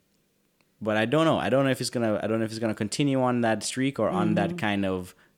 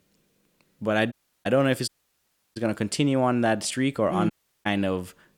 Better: first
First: none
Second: audio cutting out; at 1 s, at 2 s for 0.5 s and at 4.5 s

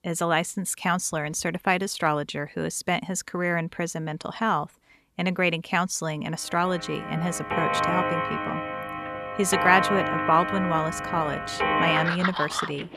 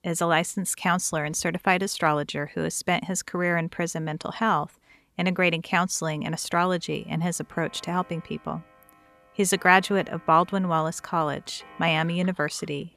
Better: second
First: household noises; loud; from 7 s on; 1 dB below the speech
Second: household noises; faint; from 7 s on; 25 dB below the speech

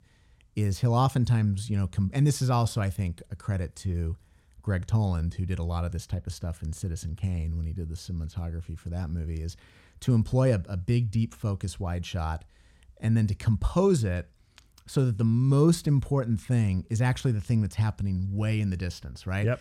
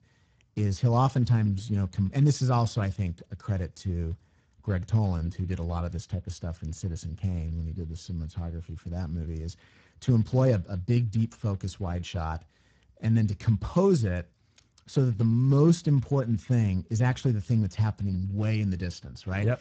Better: first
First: none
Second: garbled, watery; badly; nothing above 8 kHz

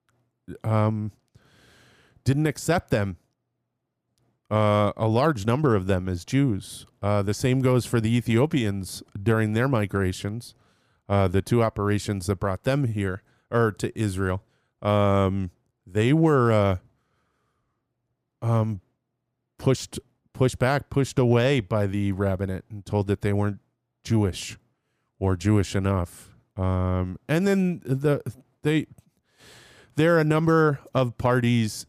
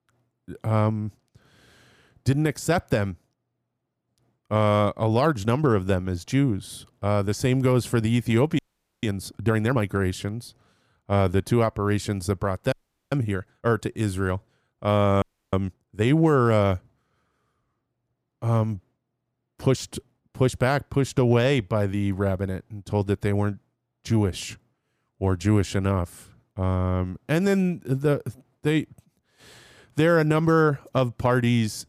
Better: first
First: none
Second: audio freezing; at 8.5 s, at 13 s and at 15 s

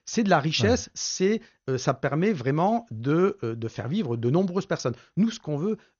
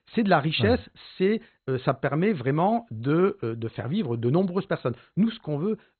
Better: first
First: garbled, watery; slightly; nothing above 6.5 kHz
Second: garbled, watery; badly; nothing above 4 kHz

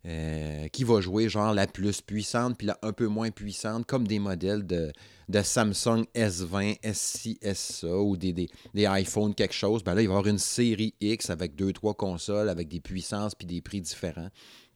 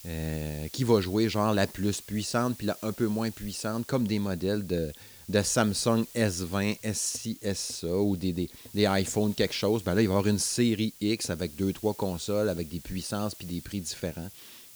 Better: first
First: none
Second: hiss; noticeable; throughout; 15 dB below the speech

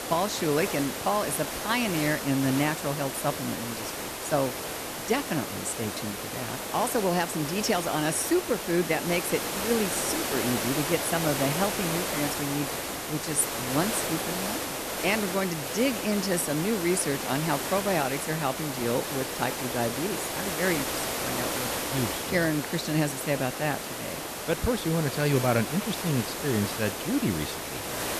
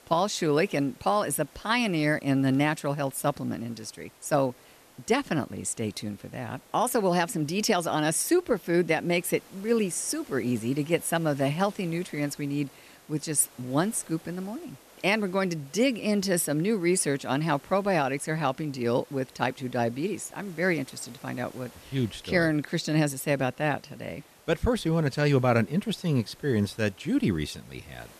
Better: second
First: hiss; loud; throughout; 2 dB below the speech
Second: hiss; faint; throughout; 25 dB below the speech

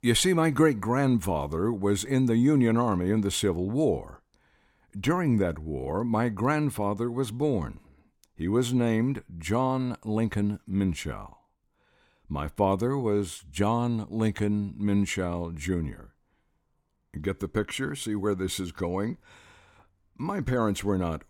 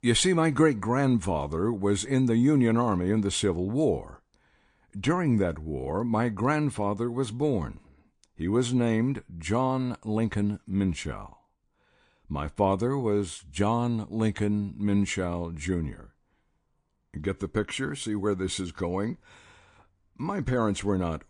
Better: first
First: none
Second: garbled, watery; slightly; nothing above 8.5 kHz

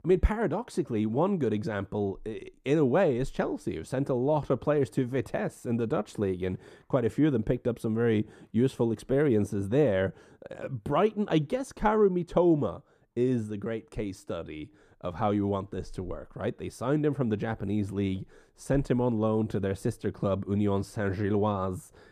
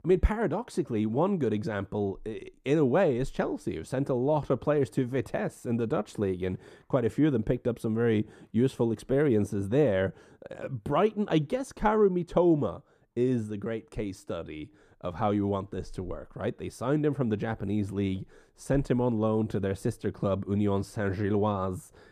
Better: neither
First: muffled; very; fading above 2 kHz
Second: muffled; very; fading above 2 kHz

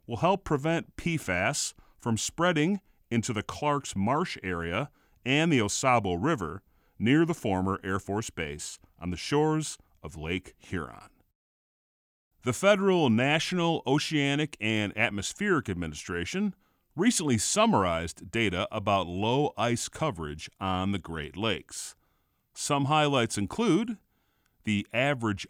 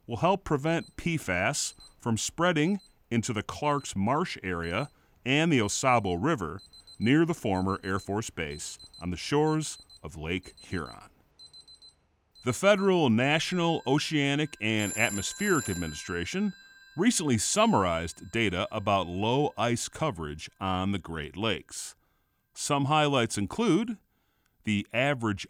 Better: first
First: none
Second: alarms or sirens; noticeable; throughout; 15 dB below the speech

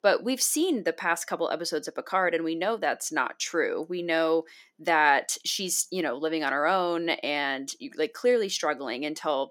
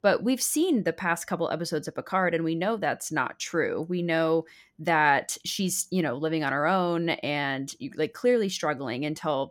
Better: second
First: thin; very slightly; fading below 300 Hz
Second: none

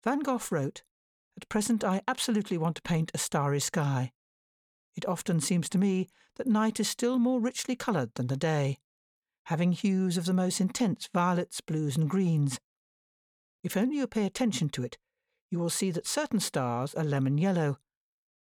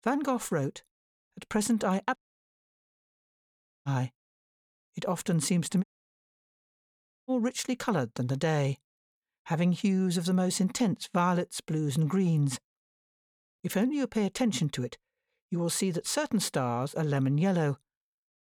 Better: first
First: none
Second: audio cutting out; at 2 s for 1.5 s and at 6 s for 1.5 s

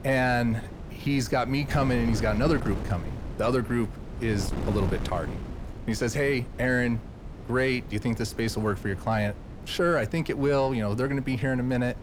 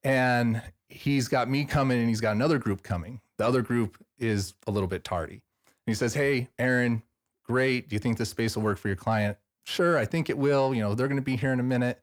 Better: second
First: wind noise on the microphone; occasional gusts; 15 dB below the speech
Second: none

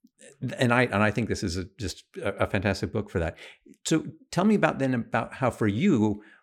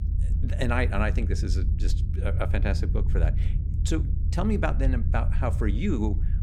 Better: first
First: none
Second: low rumble; noticeable; throughout; 10 dB below the speech

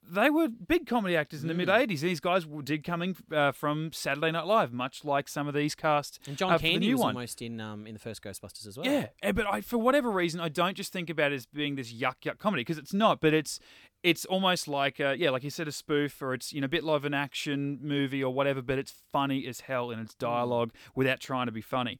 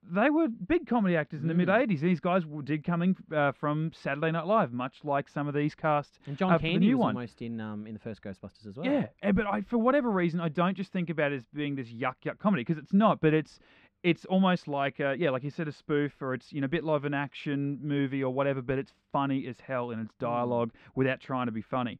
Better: first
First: none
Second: muffled; very; fading above 2 kHz

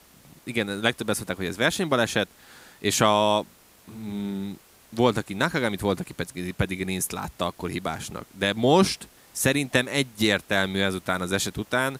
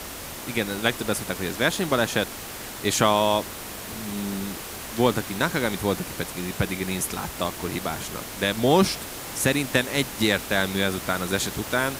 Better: first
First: hiss; faint; throughout; 30 dB below the speech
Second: hiss; loud; throughout; 9 dB below the speech

